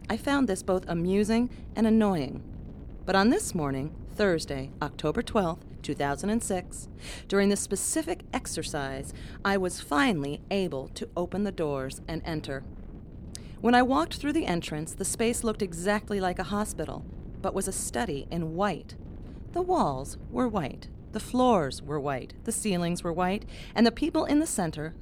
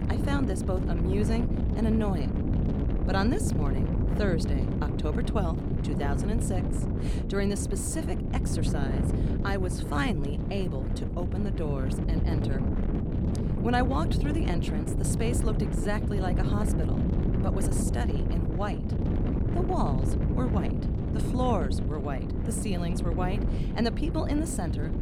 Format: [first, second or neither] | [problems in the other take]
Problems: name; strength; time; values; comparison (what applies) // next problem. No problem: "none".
first | wind noise on the microphone; heavy; 3 dB below the speech; occasional gusts in the first